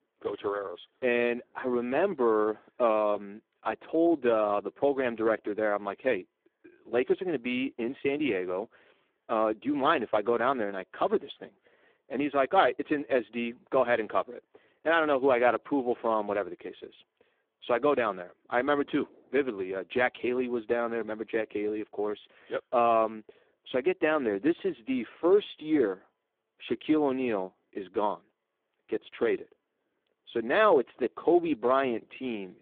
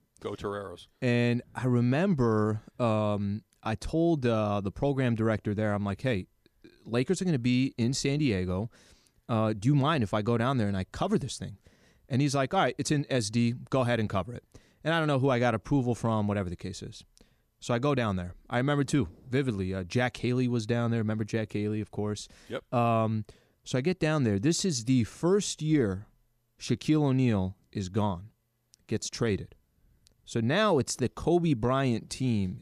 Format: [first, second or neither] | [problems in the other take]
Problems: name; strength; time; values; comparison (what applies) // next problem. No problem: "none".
second | phone-call audio; poor line